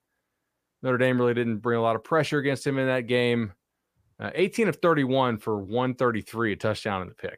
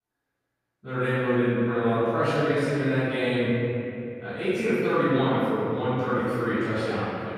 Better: first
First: none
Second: off-mic speech; far // room echo; strong; dies away in 2.7 s

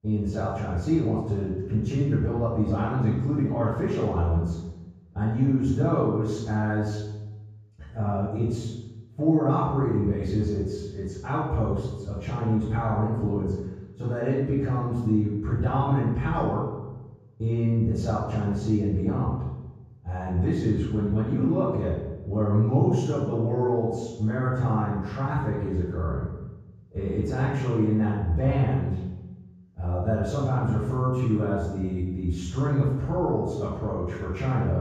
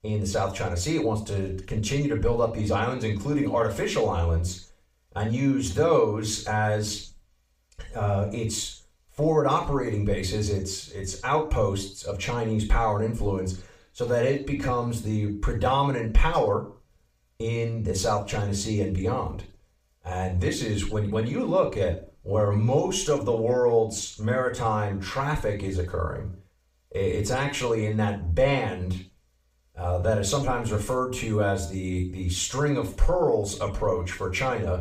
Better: second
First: room echo; strong; dies away in 1.3 s // off-mic speech; far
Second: room echo; slight; dies away in 0.4 s // off-mic speech; far

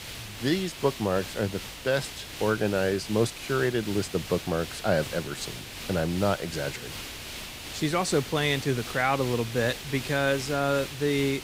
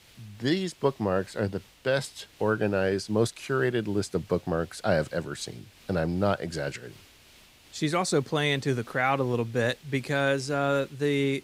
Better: second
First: hiss; loud; throughout; 10 dB below the speech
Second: hiss; faint; throughout; 25 dB below the speech

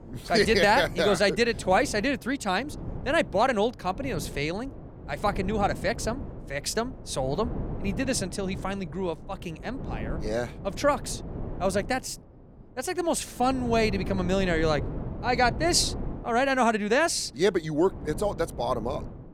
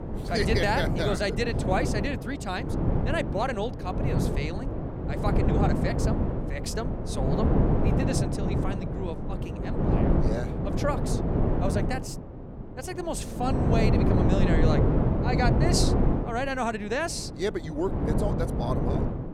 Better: first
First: wind noise on the microphone; occasional gusts; 15 dB below the speech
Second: wind noise on the microphone; heavy; 1 dB below the speech

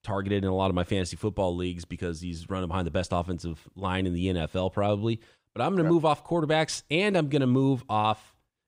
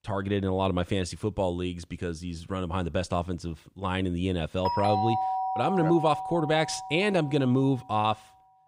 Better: first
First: none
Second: doorbell; loud; from 4.5 to 7.5 s; peak 1 dB above the speech

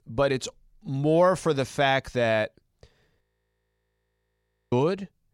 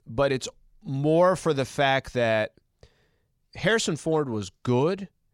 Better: second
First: audio freezing; at 3 s for 1.5 s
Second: none

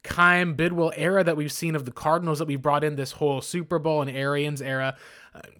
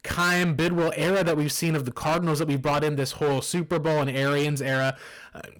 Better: first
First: none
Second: distortion; heavy; 20% of the sound clipped

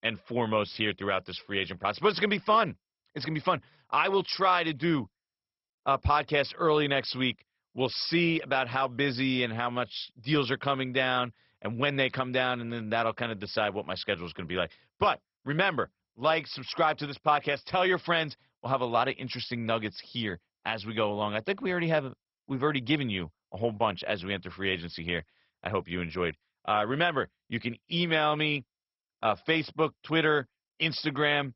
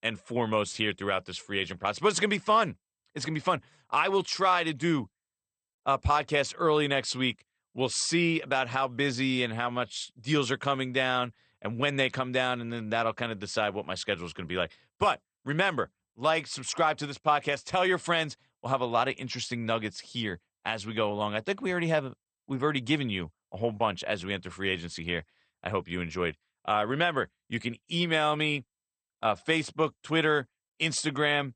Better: second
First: garbled, watery; badly; nothing above 5.5 kHz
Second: garbled, watery; slightly; nothing above 8.5 kHz

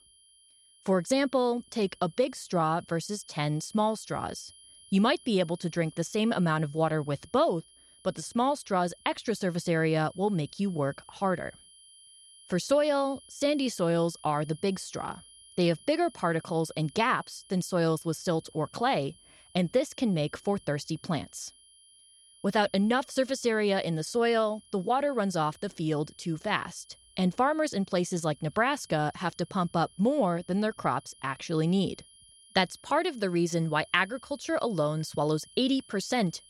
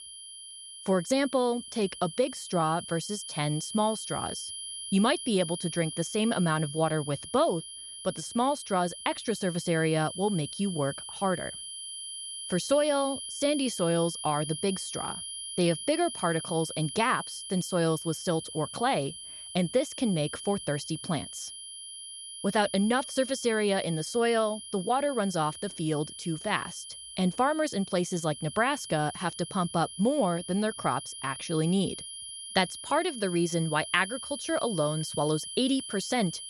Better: first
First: high-pitched whine; faint; throughout; 3 kHz, 25 dB below the speech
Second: high-pitched whine; loud; throughout; 3 kHz, 9 dB below the speech

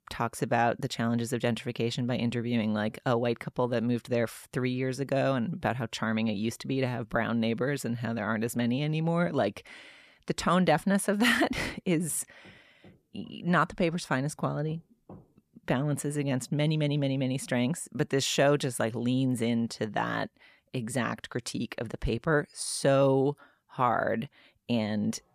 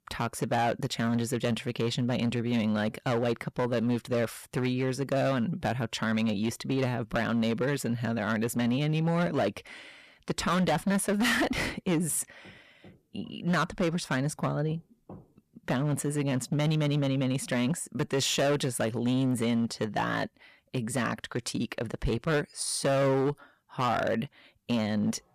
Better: first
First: none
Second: distortion; slight; 10% of the sound clipped

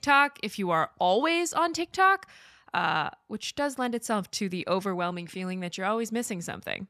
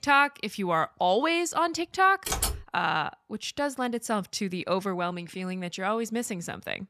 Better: first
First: none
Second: keyboard typing; noticeable; at 2.5 s; peak level with the speech

